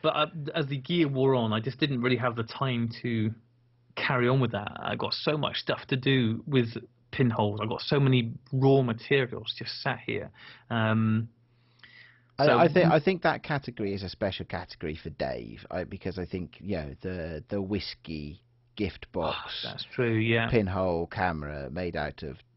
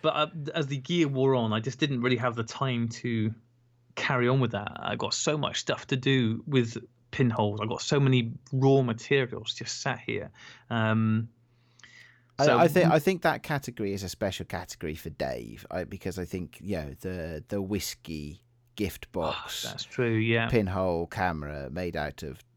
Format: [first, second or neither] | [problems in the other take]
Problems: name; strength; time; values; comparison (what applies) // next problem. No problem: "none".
second | garbled, watery; badly; nothing above 5.5 kHz